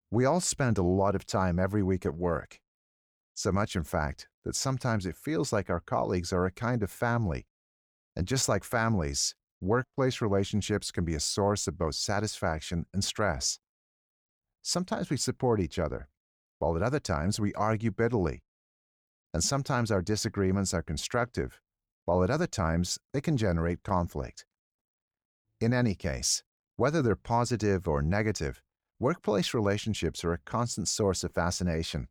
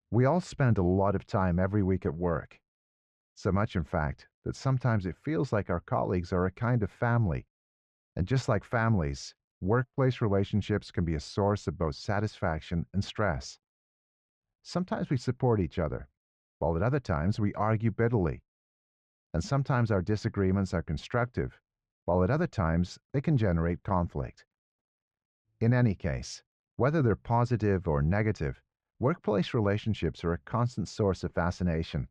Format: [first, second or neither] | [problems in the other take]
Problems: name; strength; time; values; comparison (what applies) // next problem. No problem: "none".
first | muffled; slightly; fading above 3 kHz